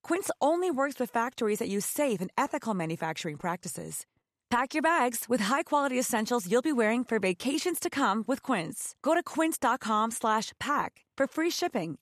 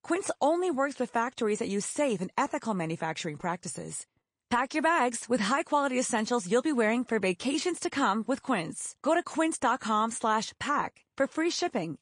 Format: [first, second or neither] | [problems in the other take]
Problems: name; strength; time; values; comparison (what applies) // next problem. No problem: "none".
first | garbled, watery; slightly